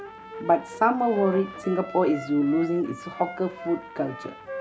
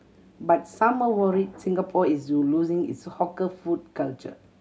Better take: second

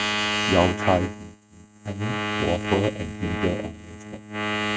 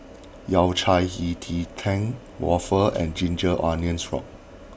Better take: second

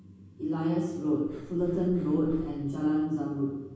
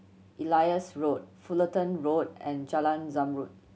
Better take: second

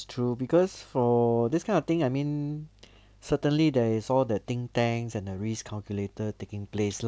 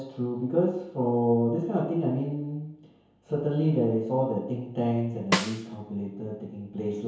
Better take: first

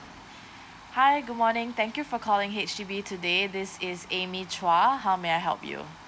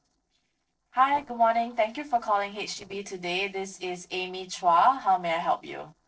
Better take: first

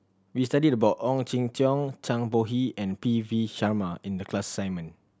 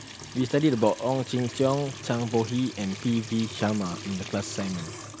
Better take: first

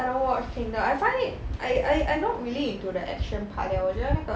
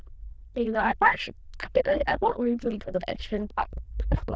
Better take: first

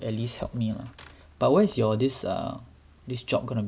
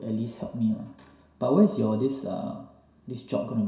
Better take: first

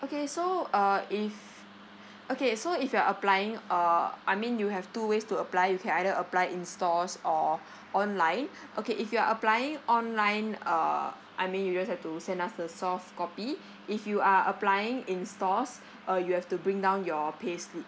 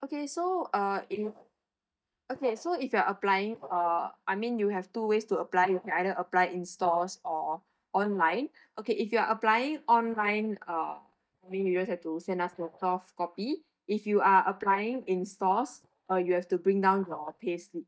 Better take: first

